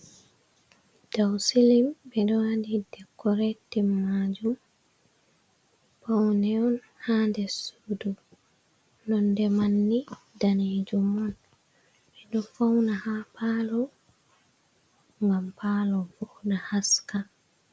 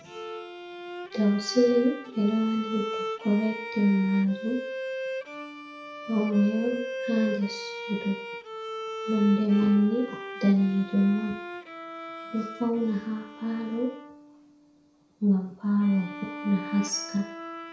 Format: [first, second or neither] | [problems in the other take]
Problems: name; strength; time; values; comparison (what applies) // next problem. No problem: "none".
first | background sound (Bowed string instrument); 10 dB below the speech // room echo; dies away in 0.6 s